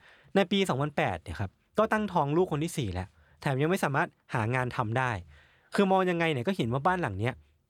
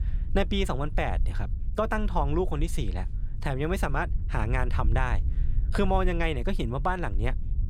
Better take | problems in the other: first | low rumble; faint; throughout; 20 dB below the speech

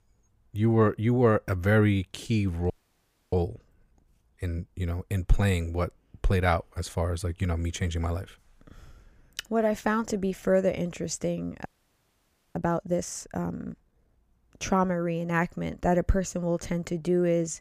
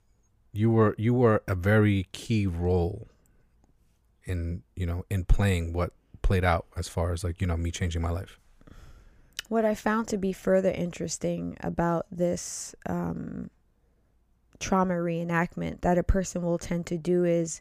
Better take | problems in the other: second | audio freezing; at 2.5 s for 0.5 s and at 12 s for 1 s

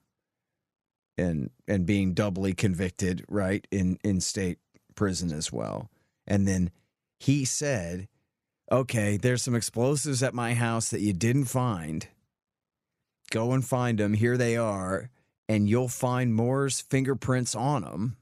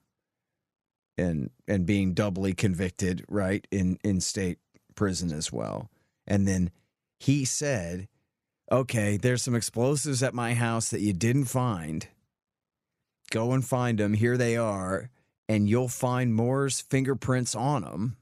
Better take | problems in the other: neither | none

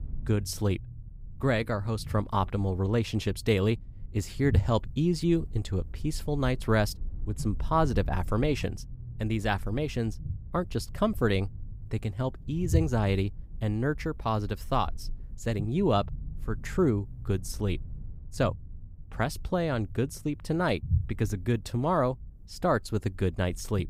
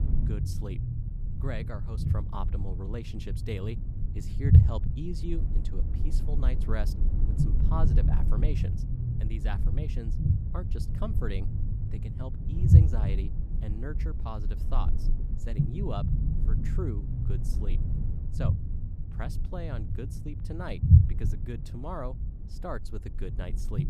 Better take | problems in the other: first | low rumble; loud; throughout; as loud as the speech; faint in the first

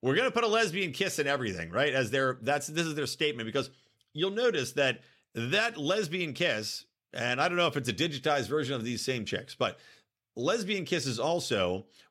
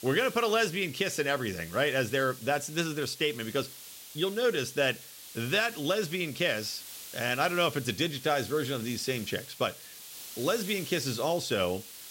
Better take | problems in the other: first | hiss; noticeable; throughout; 15 dB below the speech

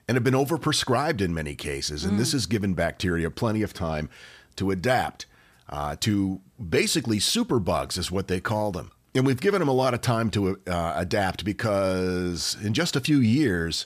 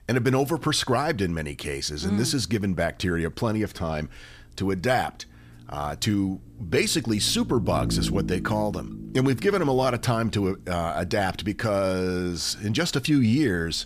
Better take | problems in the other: first | low rumble; noticeable; throughout; 15 dB below the speech

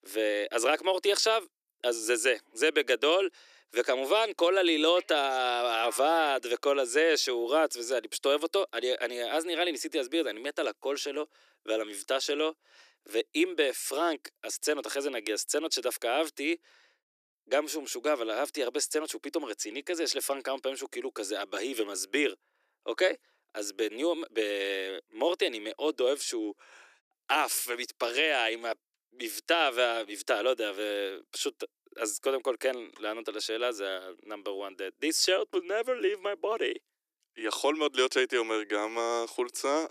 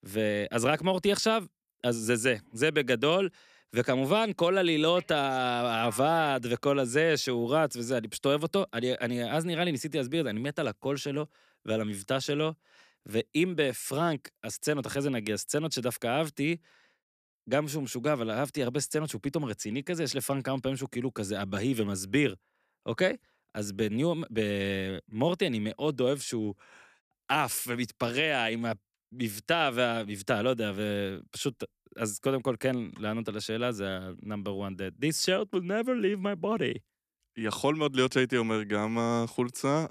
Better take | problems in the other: second | thin; somewhat; fading below 300 Hz

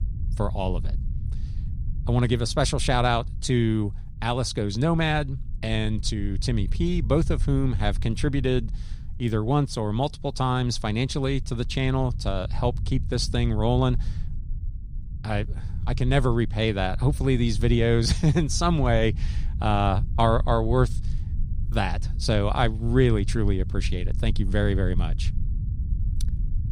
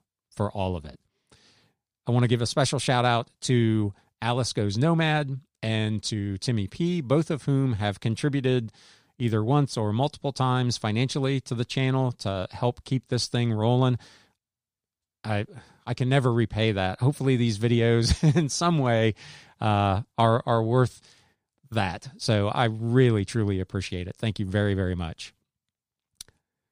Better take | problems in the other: second | low rumble; faint; throughout; 20 dB below the speech

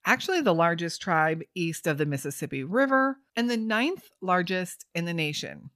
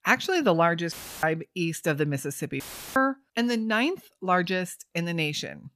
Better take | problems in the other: first | audio cutting out; filled with static; at 1 s and at 2.5 s

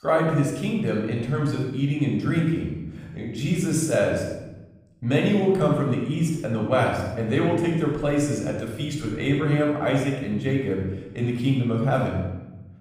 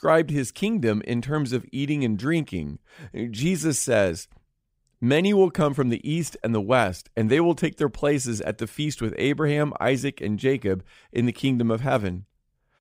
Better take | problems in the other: second | off-mic speech; somewhat distant // room echo; noticeable; dies away in 0.9 s

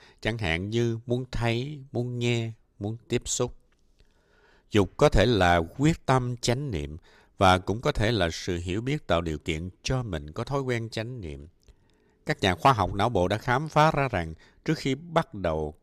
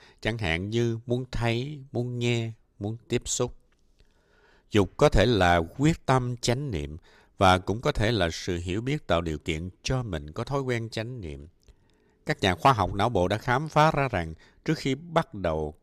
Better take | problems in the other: neither | none

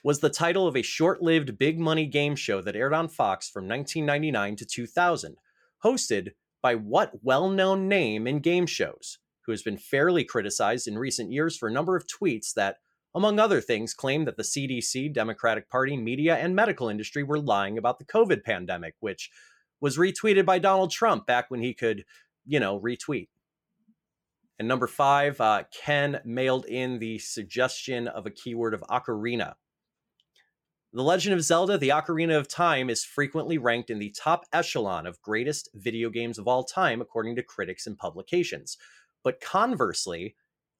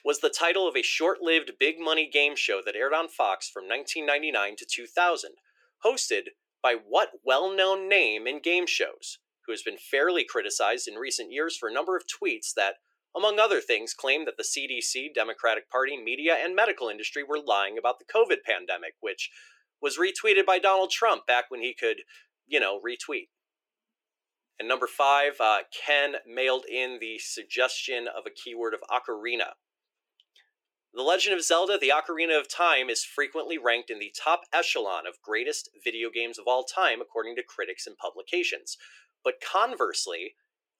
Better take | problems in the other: first | thin; very; fading below 350 Hz

